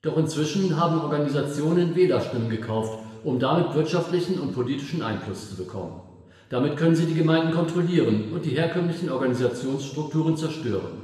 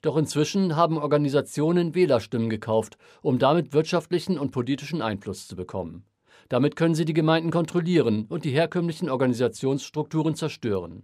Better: second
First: room echo; noticeable; dies away in 1.2 s // off-mic speech; somewhat distant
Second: none

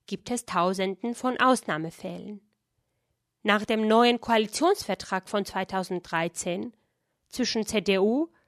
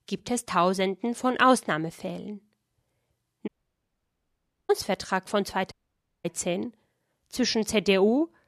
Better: first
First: none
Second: audio cutting out; at 3.5 s for 1 s and at 5.5 s for 0.5 s

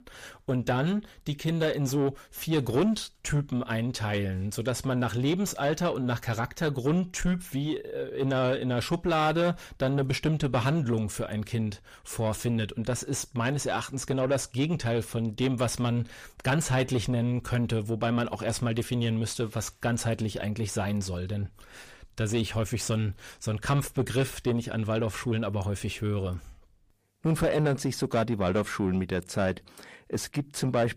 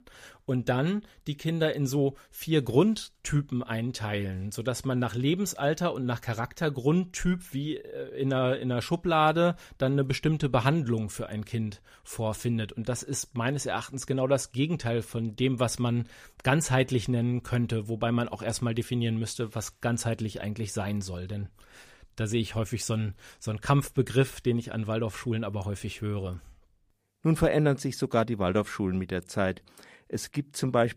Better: second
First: distortion; slight; 9 dB below the speech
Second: none

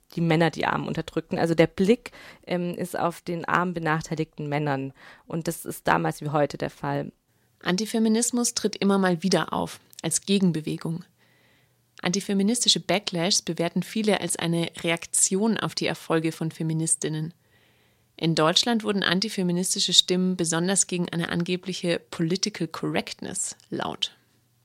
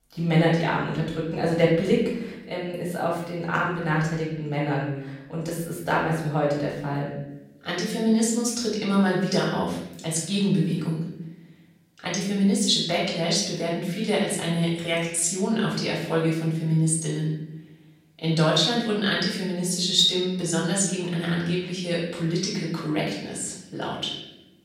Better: first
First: none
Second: off-mic speech; far // room echo; noticeable; dies away in 0.8 s

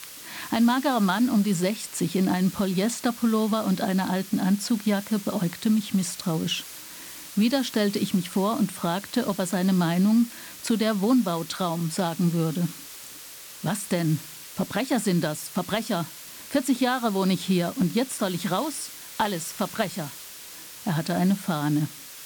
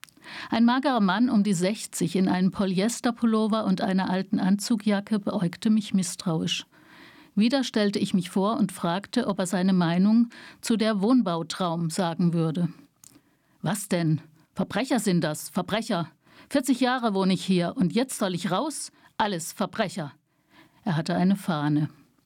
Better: second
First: hiss; noticeable; throughout; 15 dB below the speech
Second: none

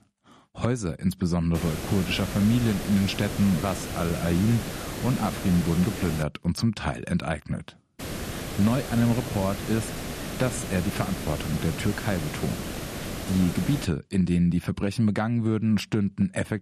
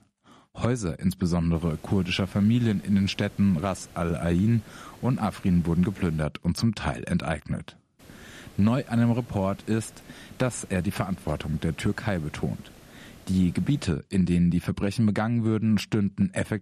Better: second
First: hiss; loud; from 1.5 to 6 s and from 8 to 14 s; 7 dB below the speech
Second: hiss; faint; from 1.5 to 6 s and from 8 to 14 s; 25 dB below the speech

